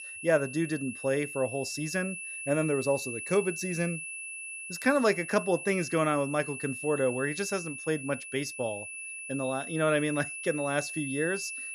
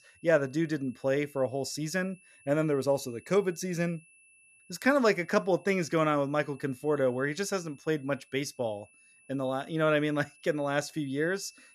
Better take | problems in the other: second | high-pitched whine; loud; throughout; 2.5 kHz, 7 dB below the speech; faint in the second

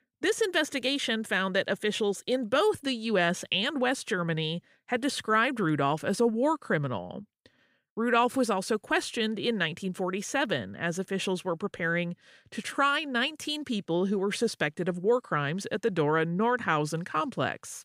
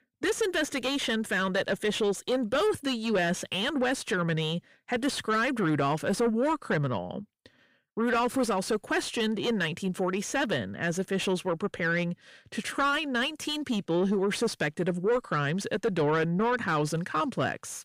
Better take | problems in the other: first | distortion; slight; 10 dB below the speech

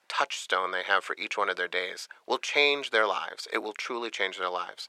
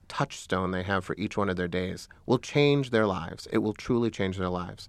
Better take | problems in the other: second | thin; very; fading below 500 Hz

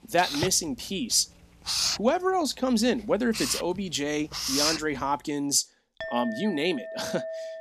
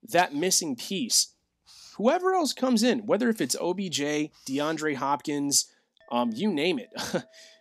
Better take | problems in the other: second | household noises; loud; throughout; 3 dB below the speech; faint in the second

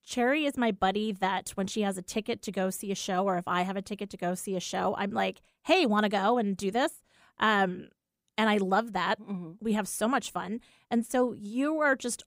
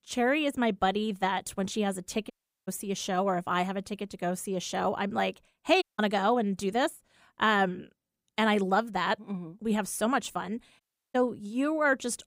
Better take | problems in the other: first | audio cutting out; at 2.5 s, at 6 s and at 11 s

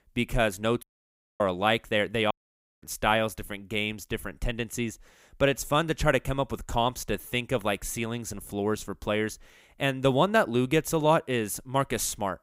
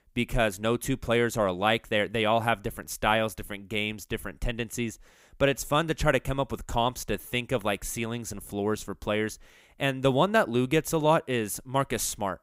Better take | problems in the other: second | audio cutting out; at 1 s for 0.5 s and at 2.5 s for 0.5 s

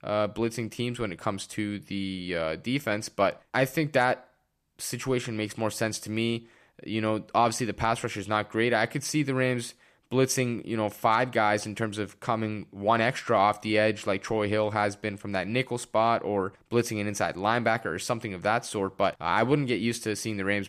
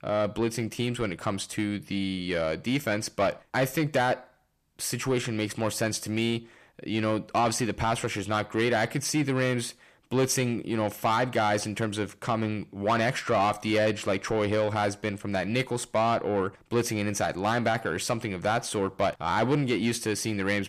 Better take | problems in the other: first | distortion; slight; 10 dB below the speech

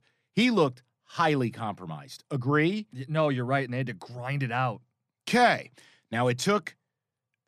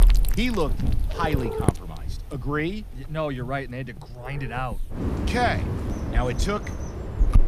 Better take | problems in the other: first | animal sounds; very loud; throughout; as loud as the speech

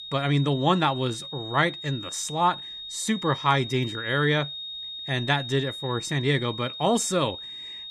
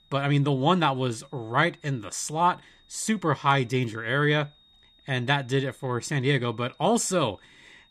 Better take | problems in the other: second | high-pitched whine; loud; throughout; 3.5 kHz, 9 dB below the speech; faint in the second

